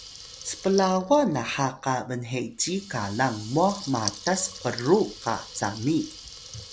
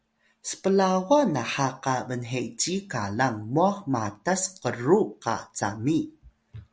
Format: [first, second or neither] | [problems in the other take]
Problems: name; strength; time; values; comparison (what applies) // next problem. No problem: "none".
second | background sound (Water tap, faucet / Liquid); 15 dB below the speech